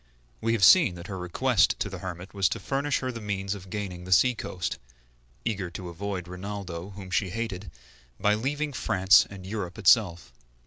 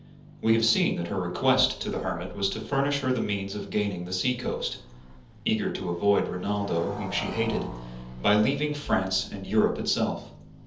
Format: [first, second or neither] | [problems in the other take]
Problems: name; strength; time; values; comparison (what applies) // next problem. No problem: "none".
first | background sound (Motorcycle); 17 dB below the speech // room echo; dies away in 0.7 s